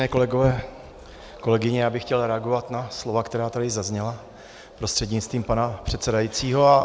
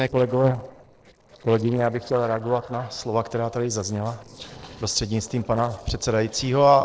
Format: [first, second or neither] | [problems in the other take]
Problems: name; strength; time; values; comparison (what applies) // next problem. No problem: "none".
first | noise reduction (neural separator model SepFormer DNS4)